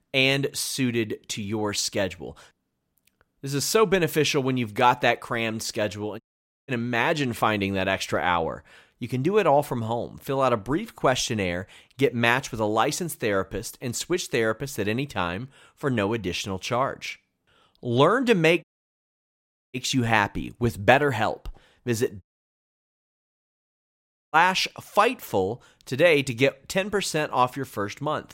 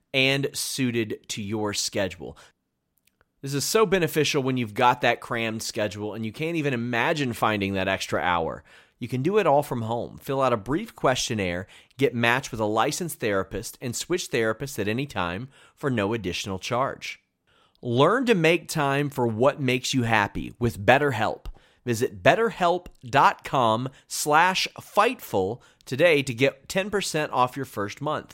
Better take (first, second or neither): second